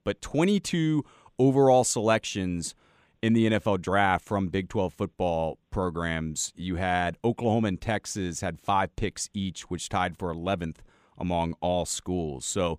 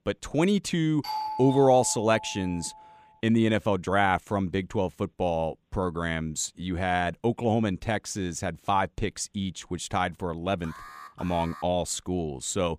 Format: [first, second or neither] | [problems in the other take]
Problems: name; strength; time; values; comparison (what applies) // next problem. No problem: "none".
first | doorbell; noticeable; from 1 to 3 s; peak 4 dB below the speech // alarm; faint; at 11 s; peak 15 dB below the speech